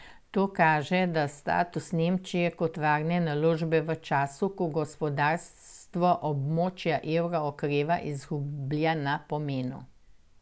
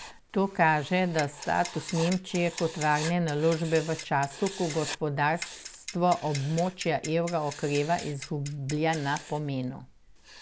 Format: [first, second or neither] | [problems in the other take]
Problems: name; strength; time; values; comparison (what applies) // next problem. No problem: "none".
first | background sound (Writing + Clock); 14 dB below the speech